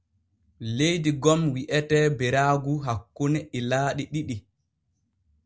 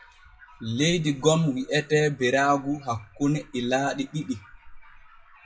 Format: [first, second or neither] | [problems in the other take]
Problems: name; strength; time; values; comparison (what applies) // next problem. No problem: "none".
first | noise reduction (classical method WPE with log-MMSE)